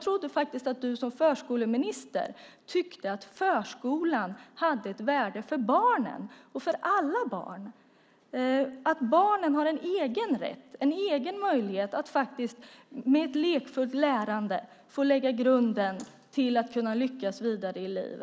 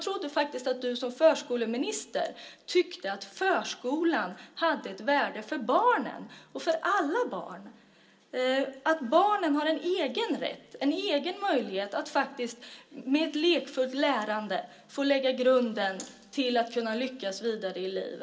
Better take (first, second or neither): first